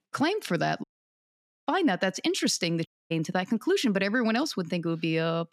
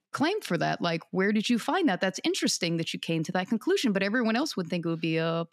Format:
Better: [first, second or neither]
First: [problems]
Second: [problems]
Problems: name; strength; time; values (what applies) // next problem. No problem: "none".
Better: second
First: audio cutting out; at 1 s for 1 s and at 3 s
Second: none